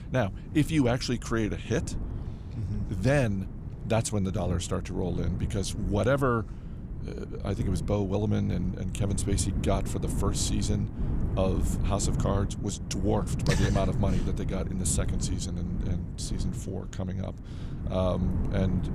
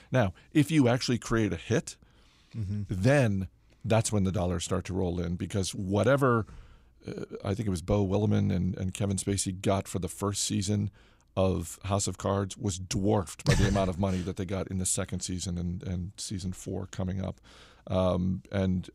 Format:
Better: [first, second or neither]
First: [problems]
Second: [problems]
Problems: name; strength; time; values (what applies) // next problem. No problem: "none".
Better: second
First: wind noise on the microphone; occasional gusts; 10 dB below the speech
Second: none